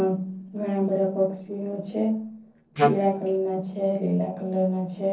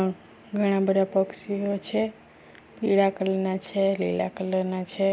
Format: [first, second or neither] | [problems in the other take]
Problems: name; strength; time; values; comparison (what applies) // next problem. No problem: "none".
second | noise reduction (neural separator model SepFormer DNS4)